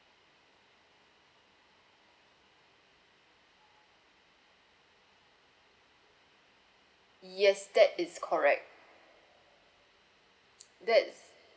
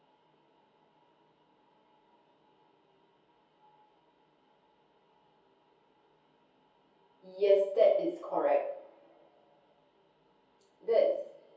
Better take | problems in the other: first | room echo; dies away in 0.6 s

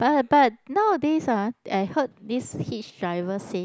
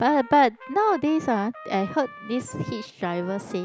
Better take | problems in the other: first | background sound (Trumpet); 18 dB below the speech

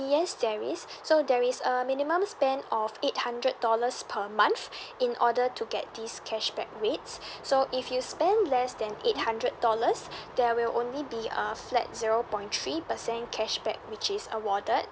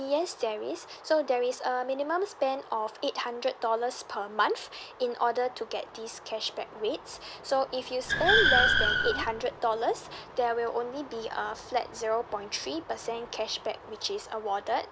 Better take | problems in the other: first | background sound (Car); 5 dB above the speech

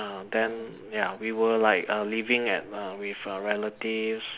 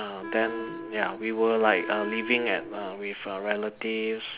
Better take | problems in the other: first | background sound (Wind instrument, woodwind instrument); 10 dB below the speech

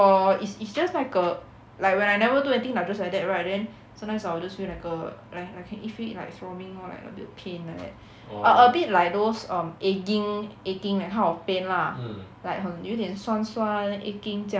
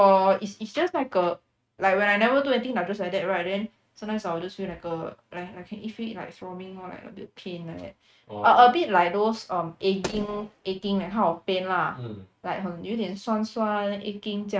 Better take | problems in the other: first | noise reduction (neural mask model RNNoise)

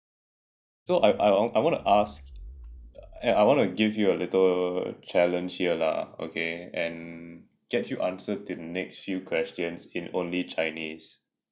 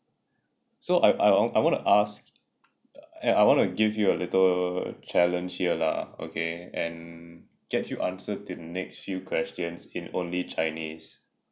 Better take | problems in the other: second | noise reduction (neural mask model DeepFilterNet 3)

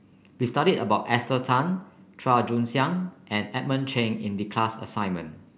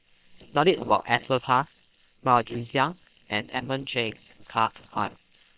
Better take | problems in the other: first | noise reduction (neural separator model SepFormer WHAM!)

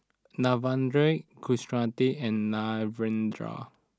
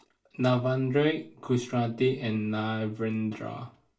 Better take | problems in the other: first | room echo; dies away in 0.3 s

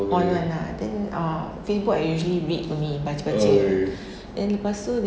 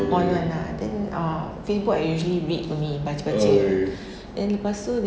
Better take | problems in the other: first | background sound (Acoustic guitar / Strum + Bass guitar); 16 dB below the speech

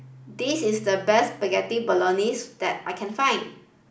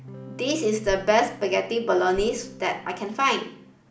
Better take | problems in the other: first | background sound (Thump, thud + Electric guitar / Strum); 17 dB below the speech

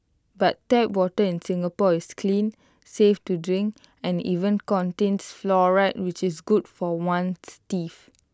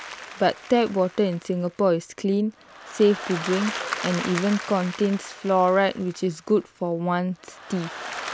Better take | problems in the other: first | background sound (Applause); 12 dB below the speech

